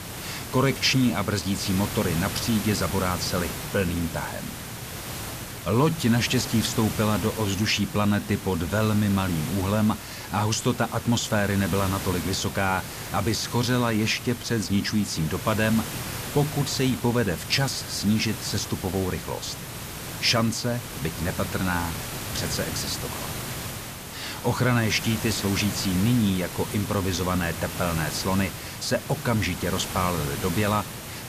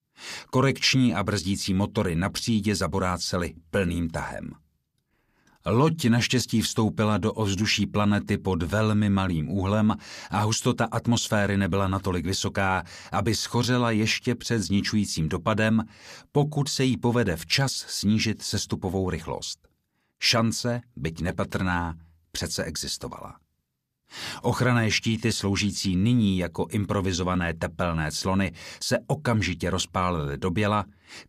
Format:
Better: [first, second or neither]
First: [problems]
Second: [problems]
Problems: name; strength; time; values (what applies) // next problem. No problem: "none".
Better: second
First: hiss; loud; throughout; 8 dB below the speech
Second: none